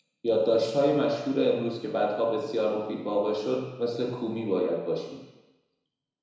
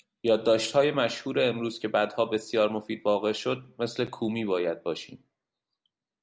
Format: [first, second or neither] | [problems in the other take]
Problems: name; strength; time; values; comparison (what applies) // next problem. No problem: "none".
second | room echo; dies away in 1 s